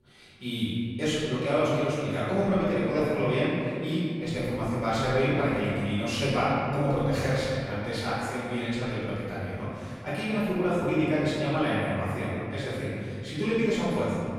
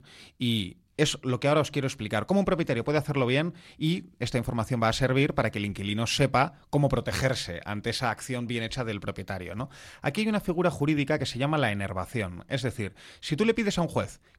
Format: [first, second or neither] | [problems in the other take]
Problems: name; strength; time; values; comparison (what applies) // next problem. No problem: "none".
second | off-mic speech; far // room echo; strong; dies away in 2.3 s